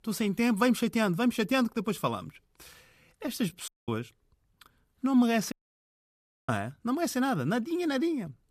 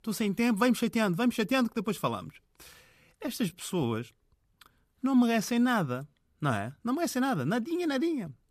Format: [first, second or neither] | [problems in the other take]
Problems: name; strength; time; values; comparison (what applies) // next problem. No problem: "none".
second | audio cutting out; at 3.5 s and at 5.5 s for 1 s